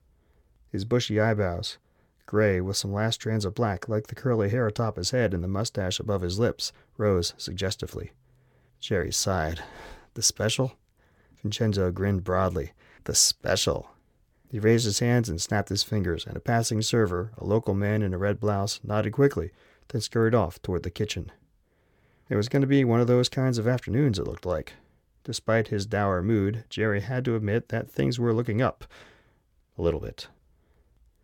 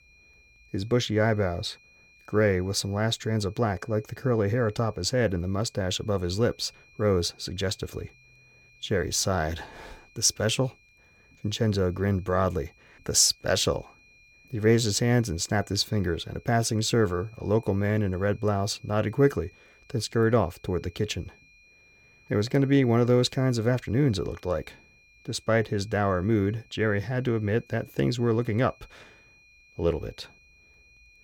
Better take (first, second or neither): first